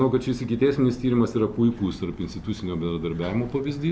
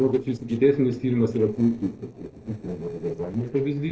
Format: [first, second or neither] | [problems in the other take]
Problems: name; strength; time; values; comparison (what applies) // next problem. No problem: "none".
first | noise reduction (neural separator model SepFormer DNS4)